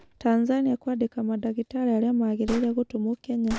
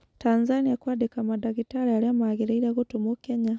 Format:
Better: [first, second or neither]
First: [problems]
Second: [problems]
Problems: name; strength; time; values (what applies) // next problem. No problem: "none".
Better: second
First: background sound (Gunshot, gunfire); 18 dB below the speech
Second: none